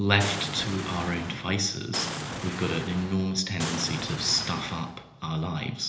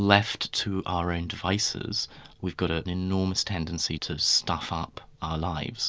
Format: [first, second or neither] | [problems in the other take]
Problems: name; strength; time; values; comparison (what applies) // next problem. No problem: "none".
second | background sound (Boom); 7 dB below the speech // room echo; dies away in 1 s